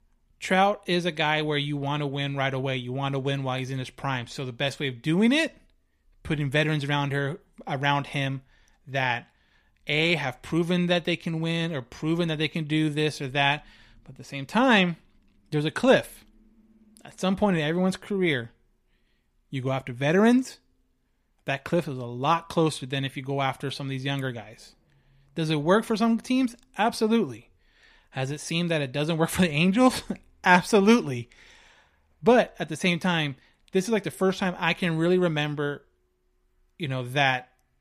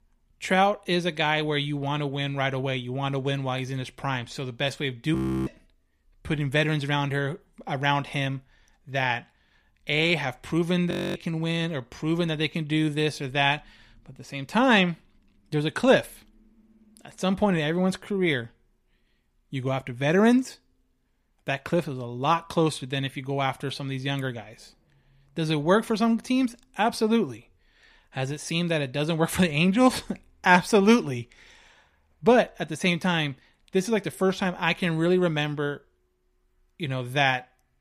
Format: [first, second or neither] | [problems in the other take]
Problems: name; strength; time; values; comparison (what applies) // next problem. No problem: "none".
first | audio freezing; at 5 s and at 11 s